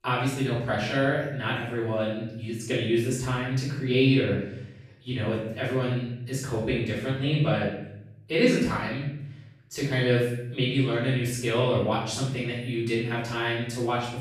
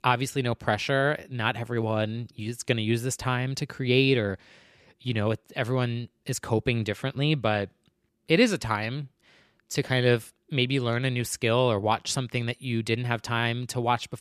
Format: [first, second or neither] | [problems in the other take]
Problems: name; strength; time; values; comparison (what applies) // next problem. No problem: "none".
second | room echo; noticeable; dies away in 0.7 s // off-mic speech; far